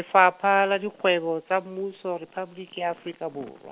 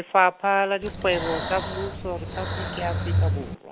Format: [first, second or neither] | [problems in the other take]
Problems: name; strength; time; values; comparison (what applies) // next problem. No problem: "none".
first | background sound (Breathing); 2 dB below the speech